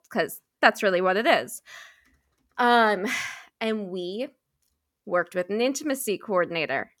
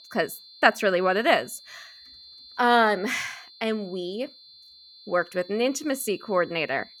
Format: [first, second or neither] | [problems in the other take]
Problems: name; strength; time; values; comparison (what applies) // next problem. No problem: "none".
first | high-pitched whine; faint; throughout; 4 kHz, 20 dB below the speech